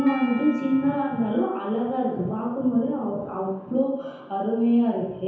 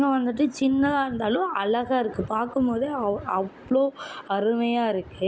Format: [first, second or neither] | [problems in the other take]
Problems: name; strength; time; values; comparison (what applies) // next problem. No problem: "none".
second | background sound (Doorbell); 20 dB below the speech // room echo; dies away in 0.9 s